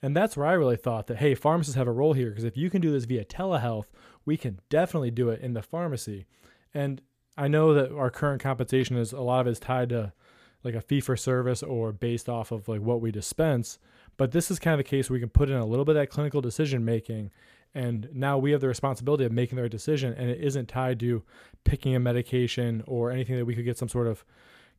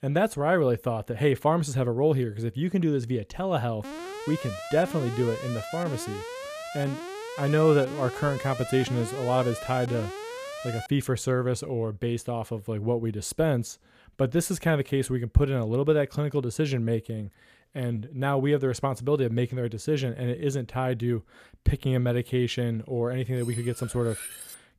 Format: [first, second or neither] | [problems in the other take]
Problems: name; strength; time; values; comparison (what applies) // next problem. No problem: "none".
first | alarm; noticeable; from 4 to 11 s; peak 9 dB below the speech // clattering dishes; noticeable; from 23 s on; peak 10 dB below the speech